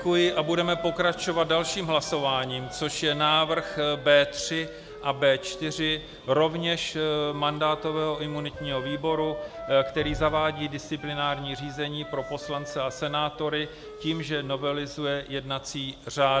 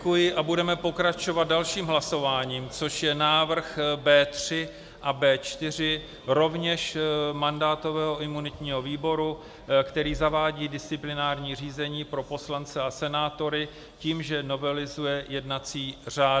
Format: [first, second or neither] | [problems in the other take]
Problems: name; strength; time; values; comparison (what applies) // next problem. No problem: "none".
second | background sound (Wind instrument, woodwind instrument + Drum); 14 dB below the speech